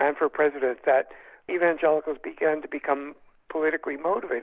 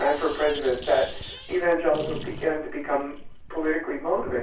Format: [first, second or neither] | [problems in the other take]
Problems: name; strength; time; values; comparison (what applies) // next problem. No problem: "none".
first | background sound (Sink (filling or washing)); 15 dB below the speech // room echo; dies away in 0.3 s